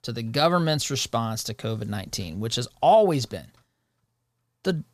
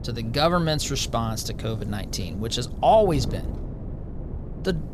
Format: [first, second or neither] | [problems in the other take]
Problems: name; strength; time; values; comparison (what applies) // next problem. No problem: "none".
first | wind noise on the microphone; occasional gusts; 20 dB below the speech